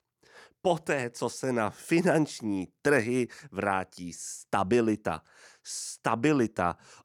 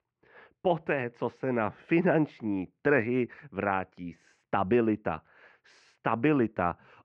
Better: first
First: none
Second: muffled; very; fading above 2.5 kHz

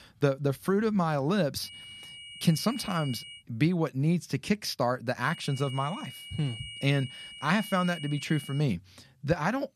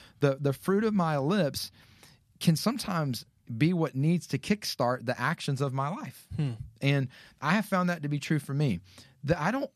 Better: second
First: high-pitched whine; noticeable; from 1.5 to 3.5 s and from 5 to 8.5 s; 3 kHz, 15 dB below the speech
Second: none

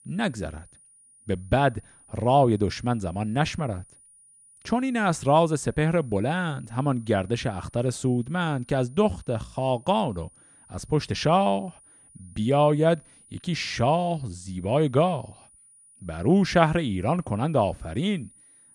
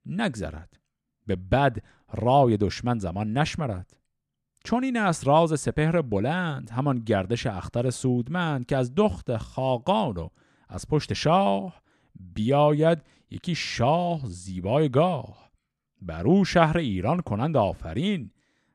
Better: second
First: high-pitched whine; faint; throughout; 9.5 kHz, 25 dB below the speech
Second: none

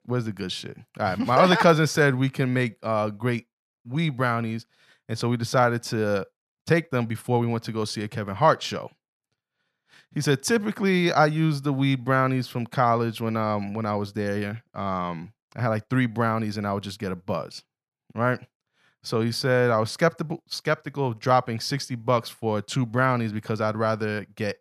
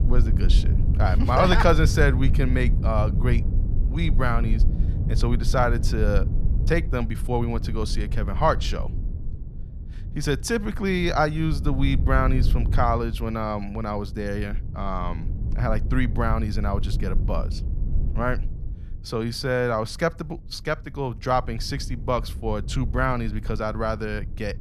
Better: first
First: none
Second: low rumble; noticeable; throughout; 15 dB below the speech

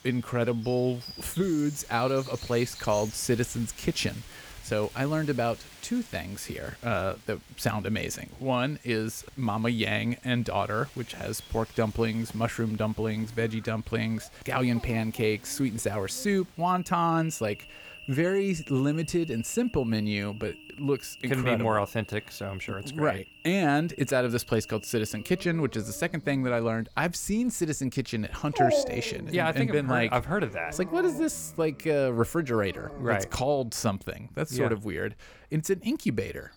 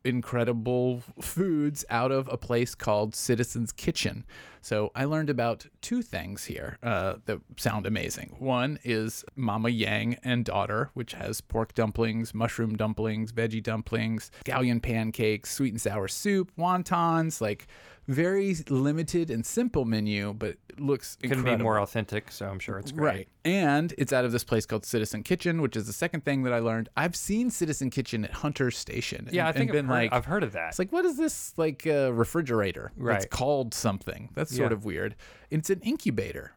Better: second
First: animal sounds; noticeable; throughout; 10 dB below the speech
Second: none

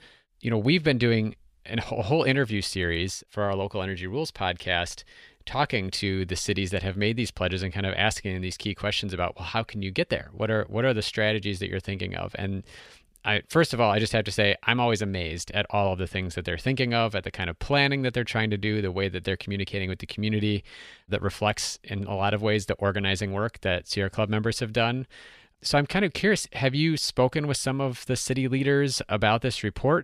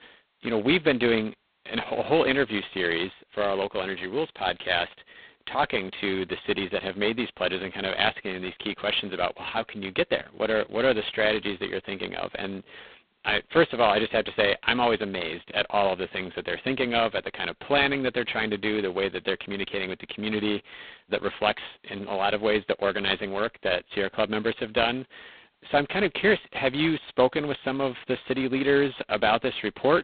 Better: first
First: none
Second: phone-call audio; poor line; nothing above 4 kHz

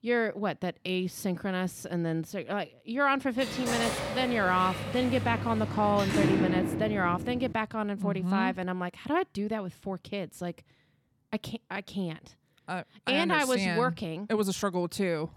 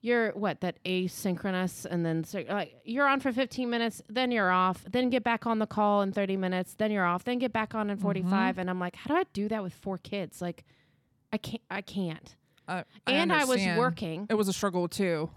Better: second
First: door banging; loud; from 3.5 to 7.5 s; peak 4 dB above the speech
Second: none

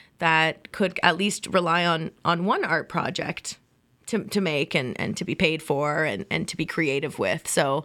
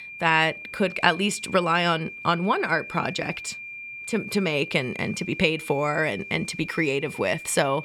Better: first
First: none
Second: high-pitched whine; noticeable; throughout; 2.5 kHz, 10 dB below the speech

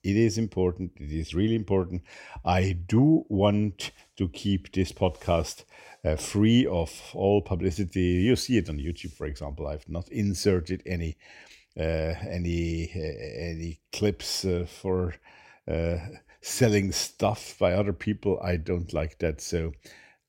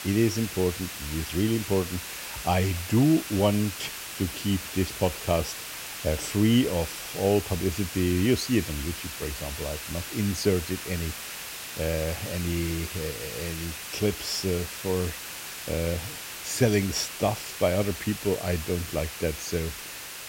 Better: first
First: none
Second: hiss; loud; throughout; 7 dB below the speech

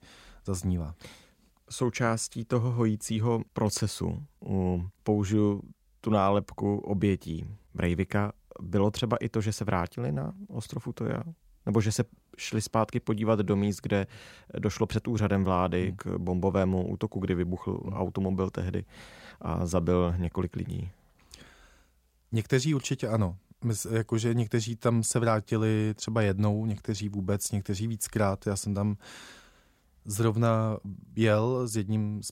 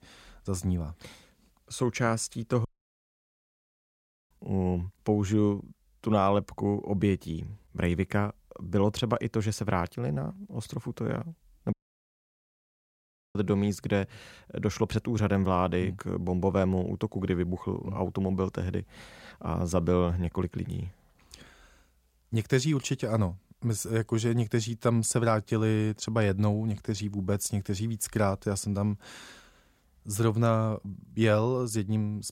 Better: first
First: none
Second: audio cutting out; at 2.5 s for 1.5 s and at 12 s for 1.5 s

